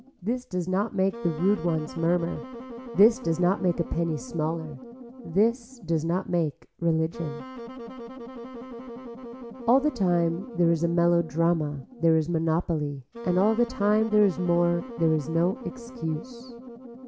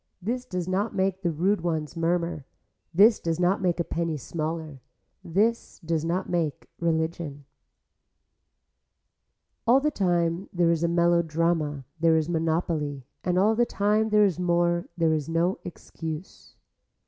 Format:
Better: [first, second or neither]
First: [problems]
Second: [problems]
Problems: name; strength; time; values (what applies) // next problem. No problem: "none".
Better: second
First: background sound (Wind instrument, woodwind instrument); 14 dB below the speech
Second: none